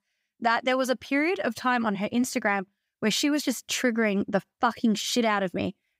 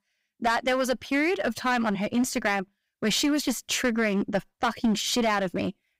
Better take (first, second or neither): first